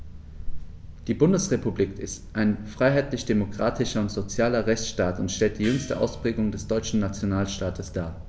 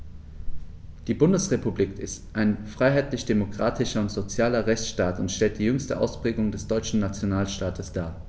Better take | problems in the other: second | background sound (Gong); 19 dB below the speech

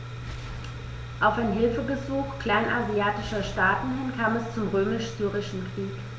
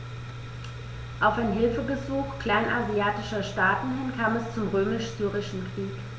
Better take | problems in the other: second | background sound (Boom); 19 dB below the speech

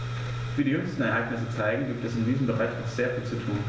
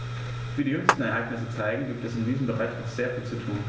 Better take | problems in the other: first | background sound (Clapping); 3 dB above the speech

